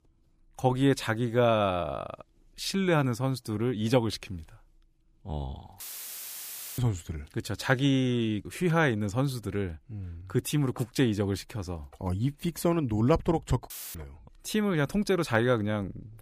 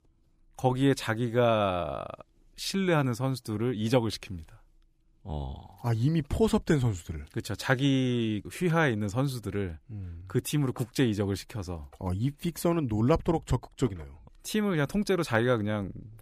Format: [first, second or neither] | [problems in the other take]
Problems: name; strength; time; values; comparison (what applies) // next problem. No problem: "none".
second | audio cutting out; filled with static; at 6 s for 1 s and at 14 s